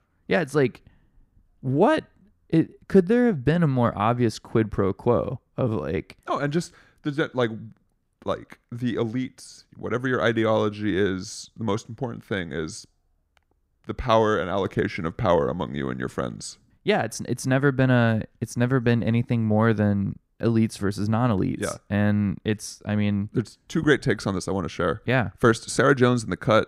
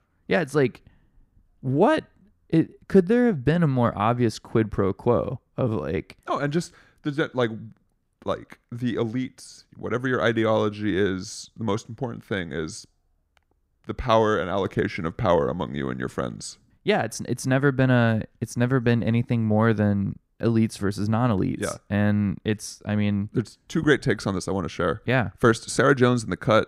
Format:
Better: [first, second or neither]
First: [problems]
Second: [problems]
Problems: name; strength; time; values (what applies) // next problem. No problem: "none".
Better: neither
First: none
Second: none